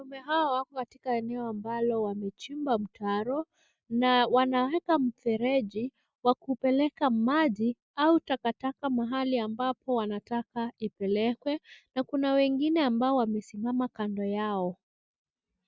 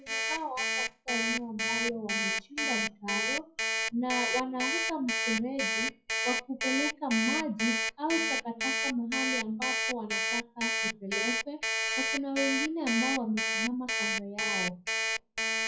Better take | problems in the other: first | noise reduction (classical method WPE with log-MMSE)

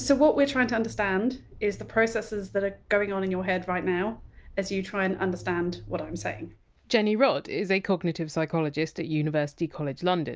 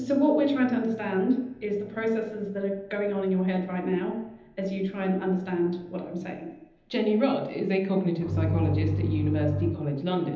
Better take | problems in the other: first | background sound (Bowed string instrument); 1 dB below the speech // room echo; dies away in 0.9 s

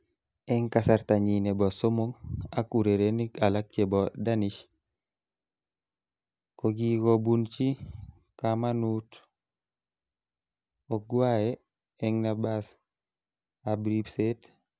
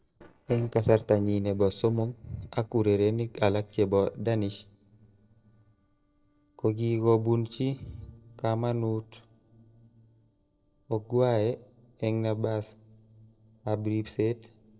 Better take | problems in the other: first | noise reduction (neural separator model SepFormer DNS4)

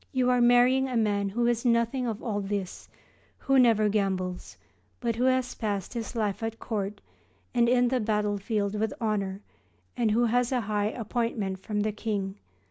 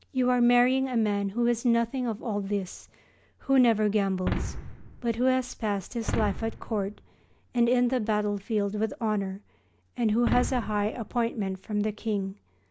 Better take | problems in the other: first | background sound (Boom); 8 dB below the speech

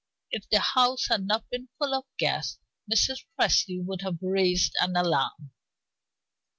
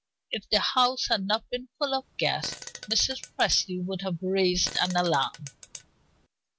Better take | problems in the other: first | background sound (Fart); 16 dB below the speech

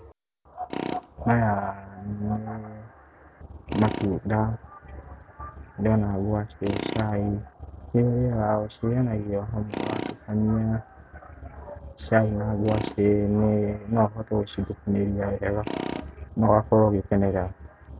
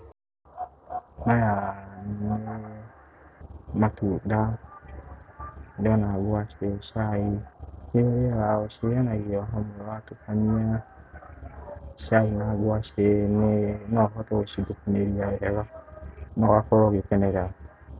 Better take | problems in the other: second | background sound (Tools); 14 dB below the speech

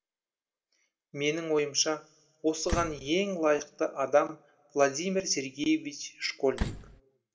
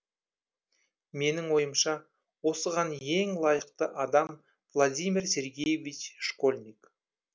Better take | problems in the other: second | background sound (Slam); 5 dB below the speech // room echo; dies away in 0.4 s

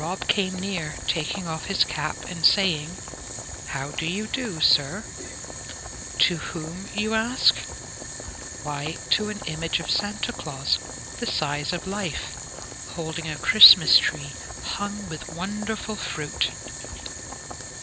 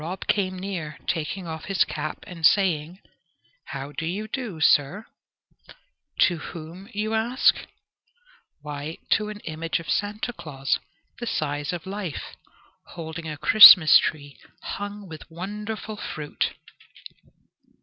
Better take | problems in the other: second | background sound (Boiling); 9 dB below the speech

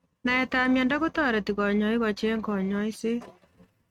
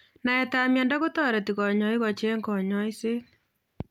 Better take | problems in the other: second | noise reduction (neural mask model RNNoise)

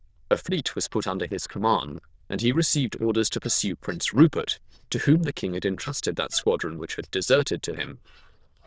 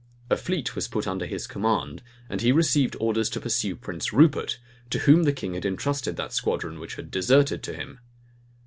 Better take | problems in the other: second | noise reduction (neural diffusion model UNIVERSE++)

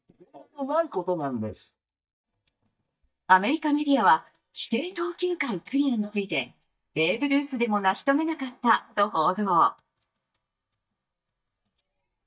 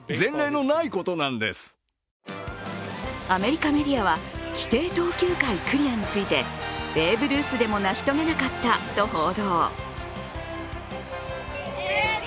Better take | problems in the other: second | noise reduction (neural mask model DeepFilterNet 3)

